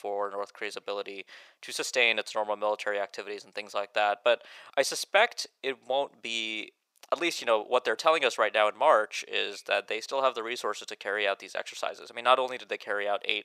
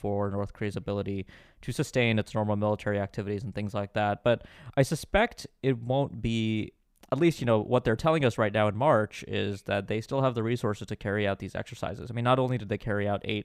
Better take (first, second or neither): second